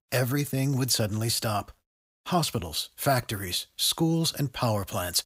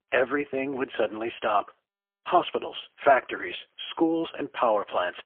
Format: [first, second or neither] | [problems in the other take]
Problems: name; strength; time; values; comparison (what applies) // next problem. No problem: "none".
first | phone-call audio; poor line; nothing above 3.5 kHz